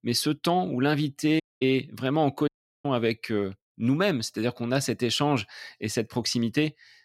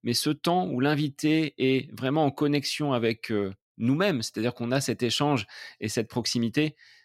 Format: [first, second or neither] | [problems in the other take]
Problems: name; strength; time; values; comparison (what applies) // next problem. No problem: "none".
second | audio cutting out; at 1.5 s and at 2.5 s